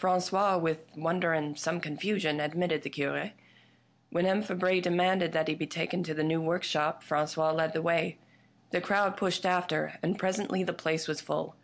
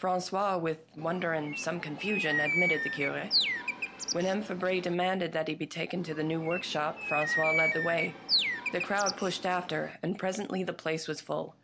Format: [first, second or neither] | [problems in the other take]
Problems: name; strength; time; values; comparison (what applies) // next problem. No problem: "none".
first | background sound (Bird); 1 dB below the speech